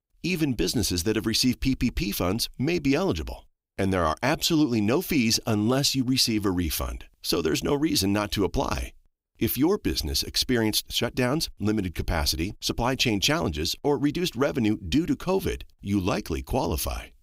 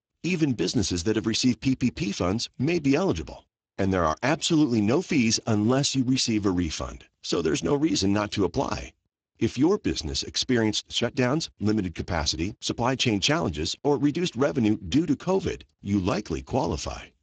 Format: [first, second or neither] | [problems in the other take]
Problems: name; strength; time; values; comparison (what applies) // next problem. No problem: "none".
first | garbled, watery; badly; nothing above 7.5 kHz